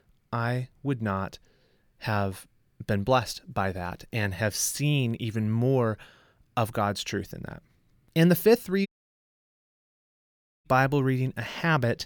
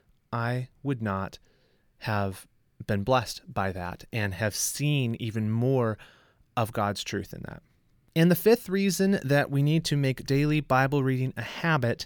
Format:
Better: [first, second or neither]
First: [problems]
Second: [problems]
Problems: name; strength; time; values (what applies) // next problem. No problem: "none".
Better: second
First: audio cutting out; at 9 s for 2 s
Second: none